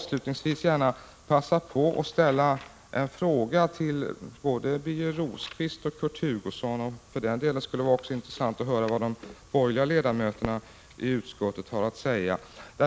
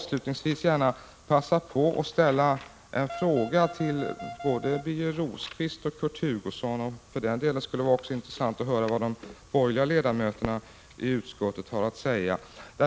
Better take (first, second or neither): first